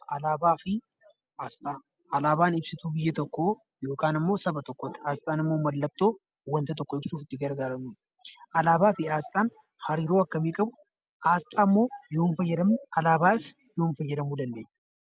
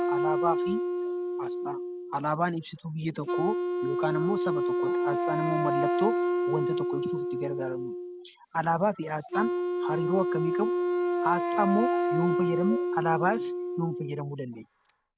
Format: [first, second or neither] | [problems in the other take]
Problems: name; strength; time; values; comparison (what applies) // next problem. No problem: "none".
first | background sound (Wind instrument, woodwind instrument); 2 dB above the speech